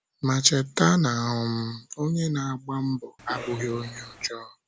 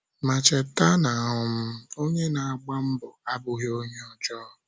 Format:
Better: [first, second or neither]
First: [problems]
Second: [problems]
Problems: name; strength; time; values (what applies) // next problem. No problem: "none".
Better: second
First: background sound (Cough); 14 dB below the speech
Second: none